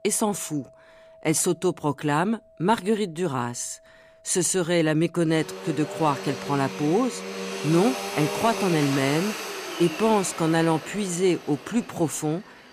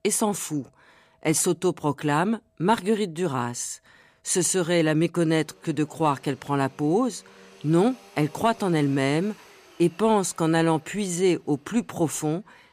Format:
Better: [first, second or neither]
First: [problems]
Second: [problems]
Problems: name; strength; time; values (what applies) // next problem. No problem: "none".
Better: second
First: household noises; loud; throughout; 8 dB below the speech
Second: household noises; faint; throughout; 25 dB below the speech